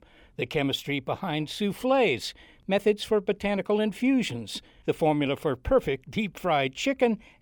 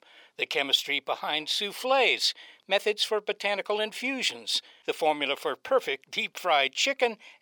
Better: first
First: none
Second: thin; somewhat; fading below 600 Hz

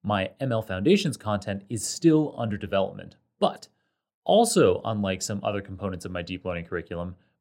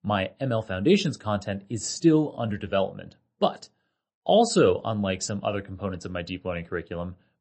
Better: first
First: none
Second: garbled, watery; slightly; nothing above 8 kHz

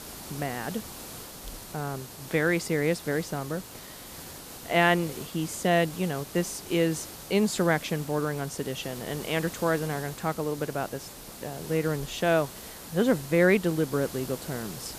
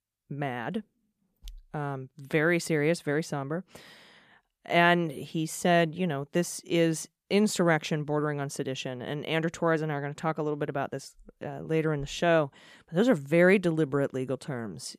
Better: second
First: hiss; noticeable; throughout; 15 dB below the speech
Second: none

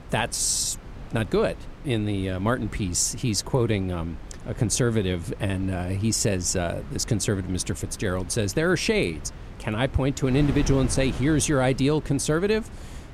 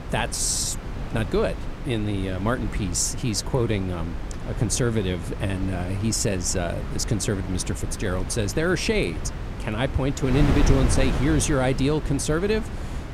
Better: first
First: wind noise on the microphone; occasional gusts; 20 dB below the speech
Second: wind noise on the microphone; heavy; 9 dB below the speech

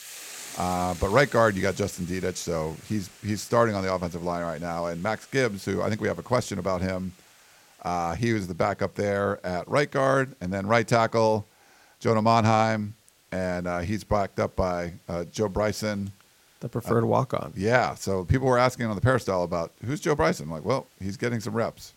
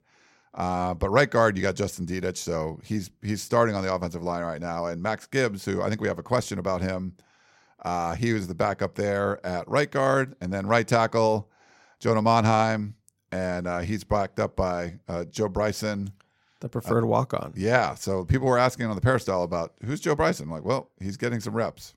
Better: second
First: hiss; faint; throughout; 20 dB below the speech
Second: none

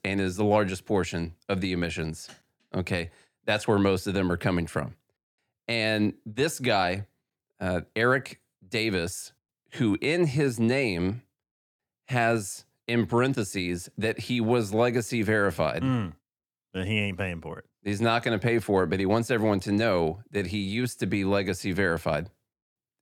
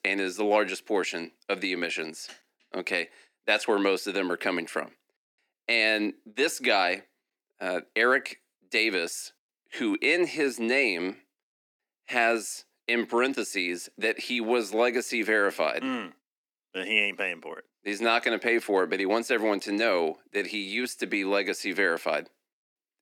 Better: first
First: none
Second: thin; somewhat; fading below 250 Hz

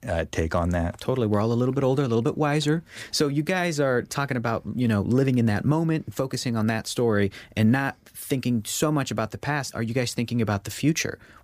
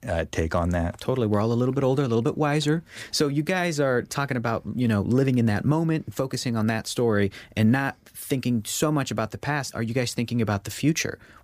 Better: neither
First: none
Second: none

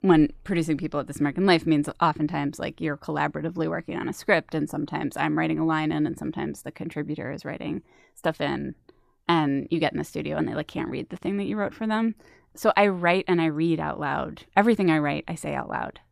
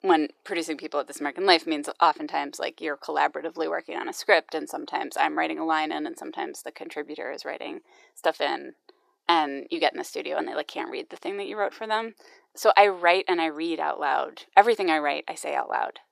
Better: first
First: none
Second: thin; very; fading below 400 Hz

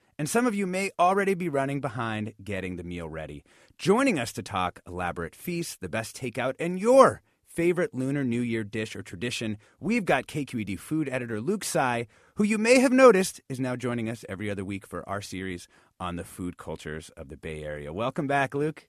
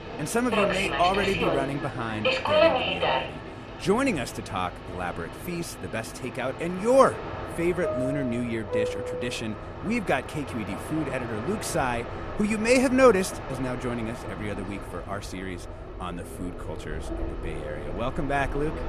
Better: first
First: none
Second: train or aircraft noise; loud; throughout; 4 dB below the speech

